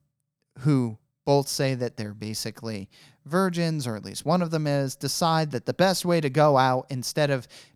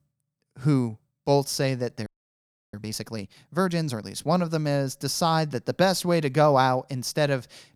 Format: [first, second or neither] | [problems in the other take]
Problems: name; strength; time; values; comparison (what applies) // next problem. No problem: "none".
first | audio freezing; at 2 s for 0.5 s